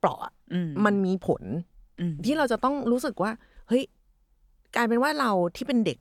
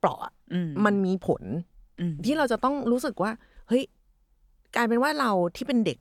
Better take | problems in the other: neither | none

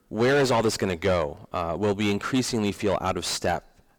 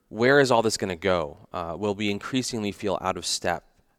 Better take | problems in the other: second | distortion; heavy; 6 dB below the speech

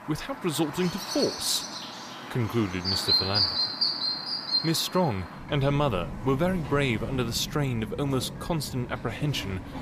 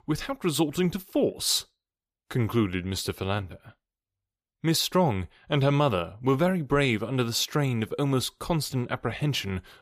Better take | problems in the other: second | animal sounds; loud; throughout; 1 dB below the speech

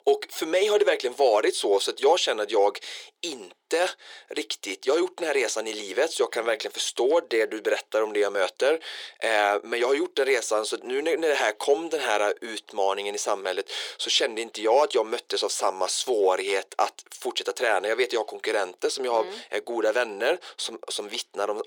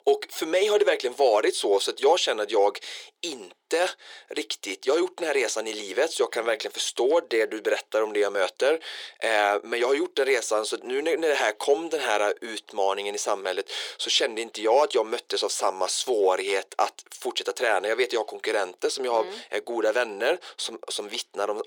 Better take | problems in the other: neither | thin; very; fading below 400 Hz; the same in both

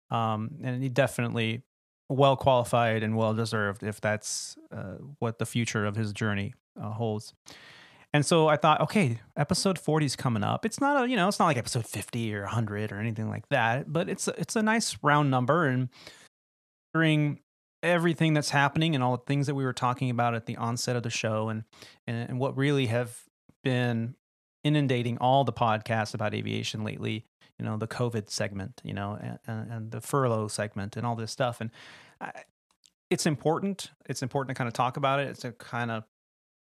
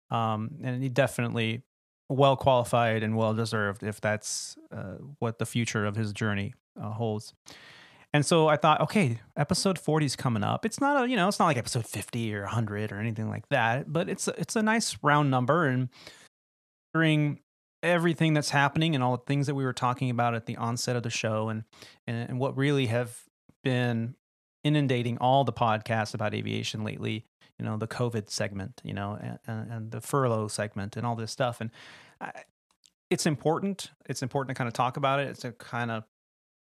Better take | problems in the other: neither | audio cutting out; at 16 s for 0.5 s; the same in both

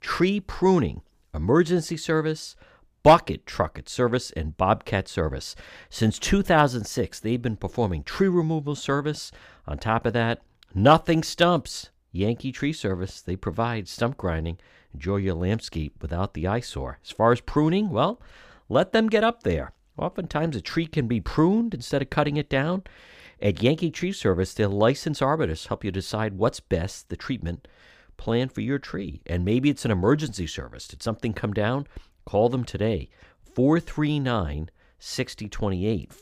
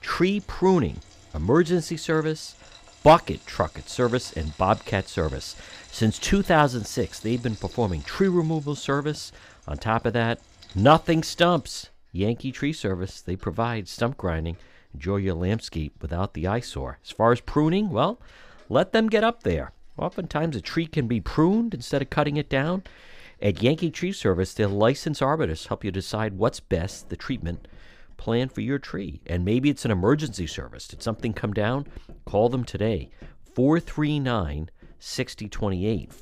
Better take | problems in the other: first | household noises; faint; throughout; 25 dB below the speech

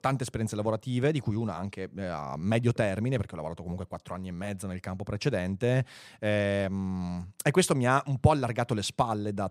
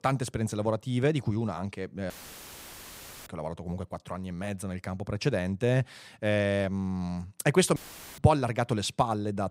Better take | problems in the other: first | audio cutting out; filled with static; at 2 s for 1 s and at 8 s

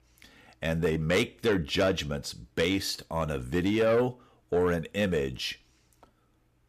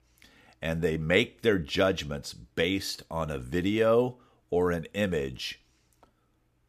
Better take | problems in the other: second | distortion; slight; 10 dB below the speech

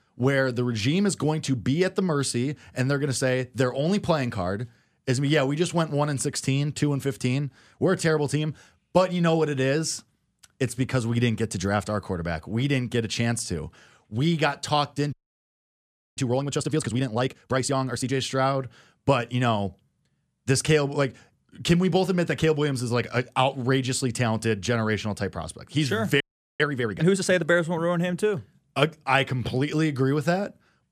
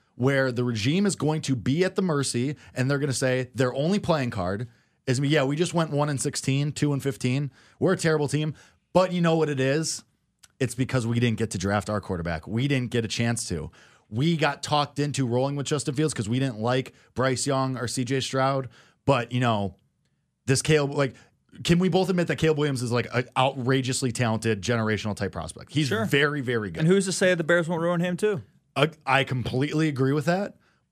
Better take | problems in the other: second | audio freezing; at 15 s for 1 s and at 26 s

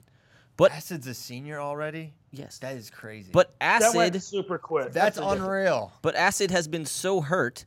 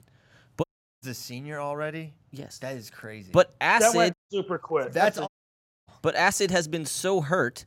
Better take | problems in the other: first | audio cutting out; at 0.5 s, at 4 s and at 5.5 s for 0.5 s

